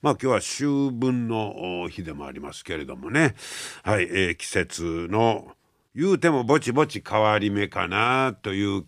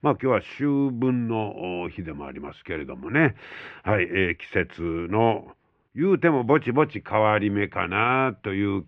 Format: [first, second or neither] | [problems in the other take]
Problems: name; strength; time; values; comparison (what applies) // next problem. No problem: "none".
first | muffled; very; fading above 2.5 kHz